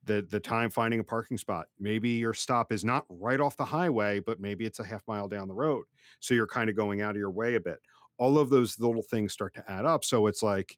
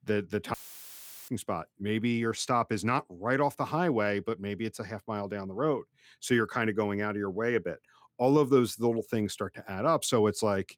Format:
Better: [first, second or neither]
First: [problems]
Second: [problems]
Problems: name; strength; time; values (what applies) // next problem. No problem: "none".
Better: first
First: none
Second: audio cutting out; filled with static; at 0.5 s for 0.5 s